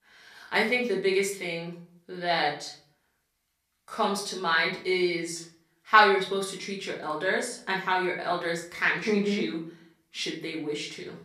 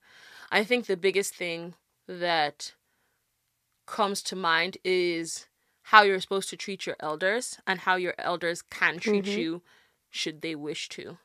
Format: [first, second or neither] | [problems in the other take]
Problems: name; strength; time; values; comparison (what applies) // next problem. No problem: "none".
second | room echo; slight; dies away in 0.4 s // off-mic speech; far